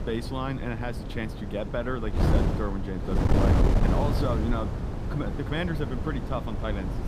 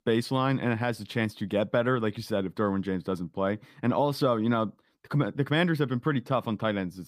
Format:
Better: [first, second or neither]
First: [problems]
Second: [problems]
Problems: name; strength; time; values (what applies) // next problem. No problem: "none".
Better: second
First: wind noise on the microphone; heavy; 1 dB below the speech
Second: none